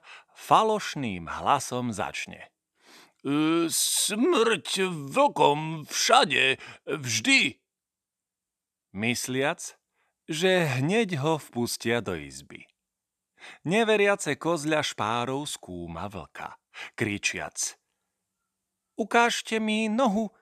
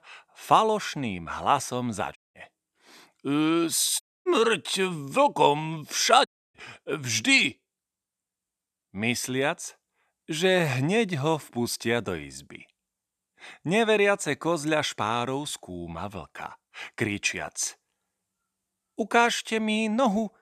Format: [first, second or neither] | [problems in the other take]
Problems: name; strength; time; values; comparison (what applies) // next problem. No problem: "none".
first | audio cutting out; at 2 s, at 4 s and at 6.5 s